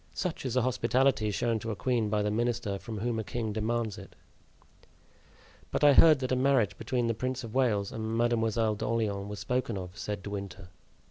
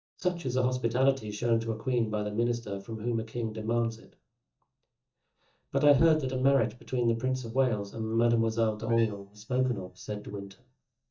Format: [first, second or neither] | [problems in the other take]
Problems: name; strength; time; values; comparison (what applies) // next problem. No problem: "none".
first | noise reduction (neural mask model DeepFilterNet 3)